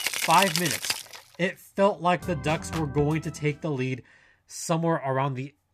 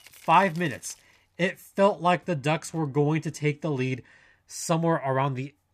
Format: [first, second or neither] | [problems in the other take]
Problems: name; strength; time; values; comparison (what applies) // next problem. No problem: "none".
second | background music; loud; until 3 s; 3 dB below the speech; faint in the second